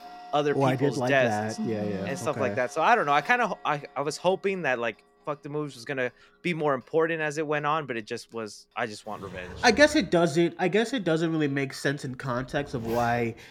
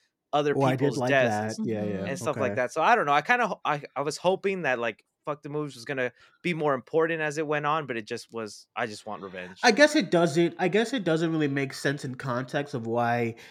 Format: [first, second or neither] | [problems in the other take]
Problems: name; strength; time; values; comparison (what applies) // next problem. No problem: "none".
second | household noises; noticeable; throughout; 20 dB below the speech